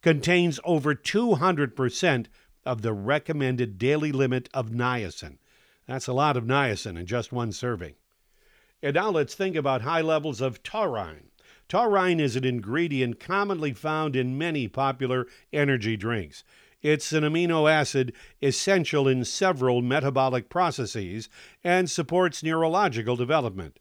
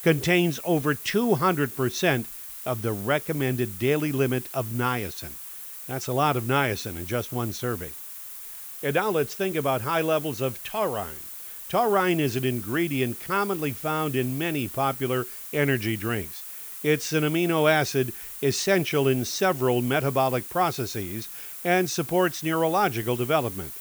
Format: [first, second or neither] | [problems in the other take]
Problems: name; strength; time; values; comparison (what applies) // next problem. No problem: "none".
first | hiss; noticeable; throughout; 10 dB below the speech